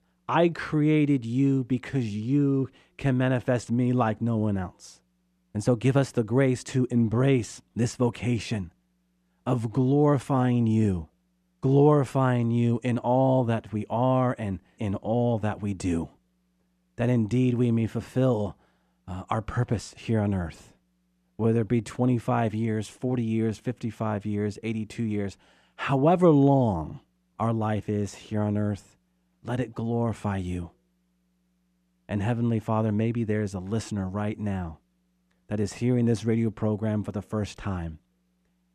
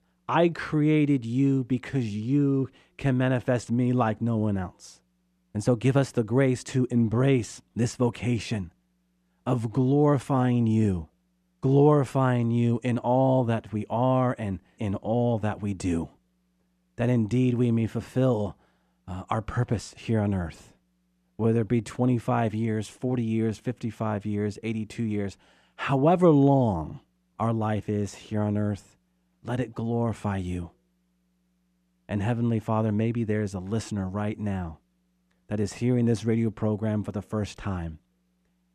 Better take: neither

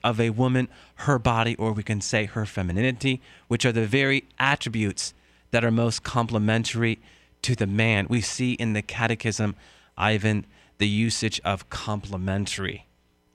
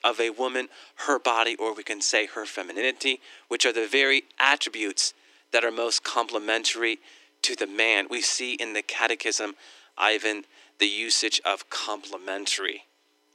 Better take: first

